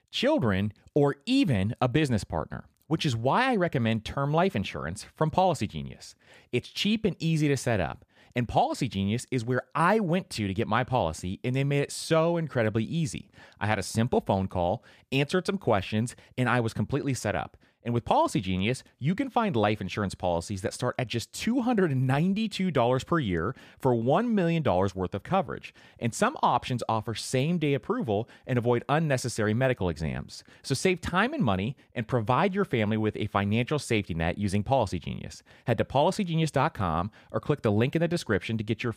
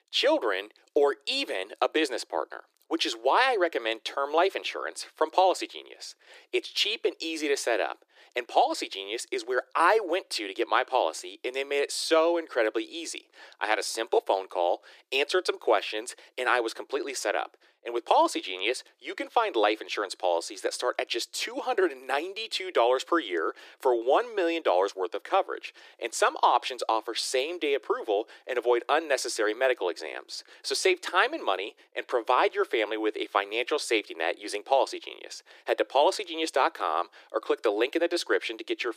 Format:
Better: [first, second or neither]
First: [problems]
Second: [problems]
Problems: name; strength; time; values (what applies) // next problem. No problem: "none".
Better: first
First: none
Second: thin; very; fading below 350 Hz